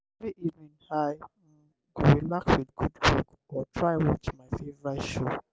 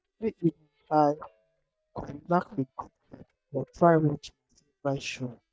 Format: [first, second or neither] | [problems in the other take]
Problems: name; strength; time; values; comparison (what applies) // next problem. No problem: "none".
first | noise reduction (neural mask model DeepFilterNet 3)